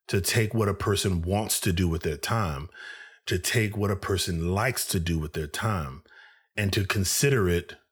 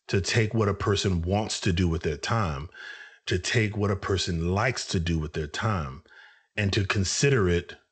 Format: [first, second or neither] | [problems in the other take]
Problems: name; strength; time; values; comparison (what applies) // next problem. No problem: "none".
first | garbled, watery; slightly; nothing above 8 kHz